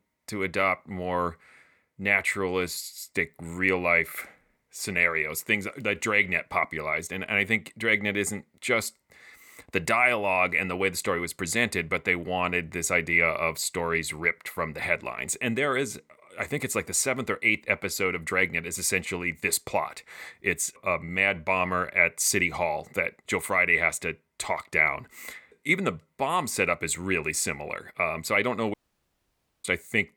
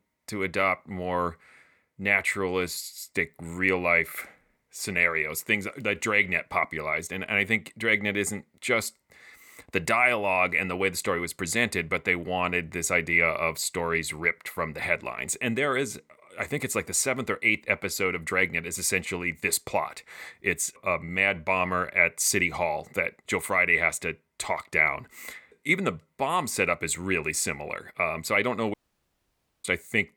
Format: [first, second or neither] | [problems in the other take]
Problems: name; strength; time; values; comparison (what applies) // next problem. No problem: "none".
neither | audio cutting out; at 29 s for 1 s; the same in both